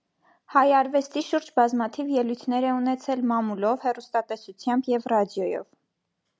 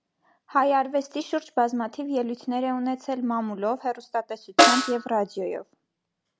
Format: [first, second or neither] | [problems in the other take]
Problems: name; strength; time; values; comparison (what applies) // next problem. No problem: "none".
first | background sound (Snare drum); 3 dB above the speech